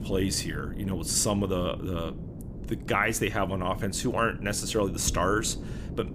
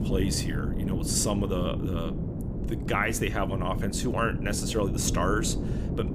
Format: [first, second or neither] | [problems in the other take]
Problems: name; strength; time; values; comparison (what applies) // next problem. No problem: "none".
first | wind noise on the microphone; heavy; 9 dB below the speech; occasional gusts in the first